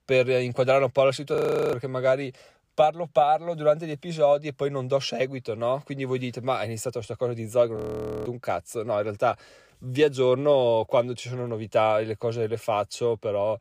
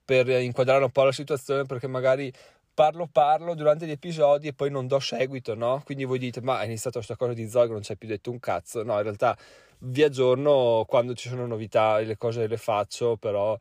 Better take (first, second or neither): second